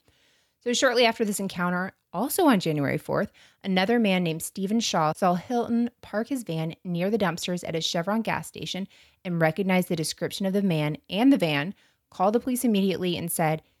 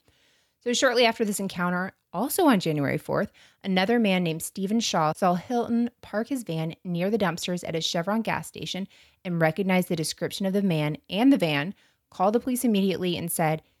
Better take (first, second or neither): neither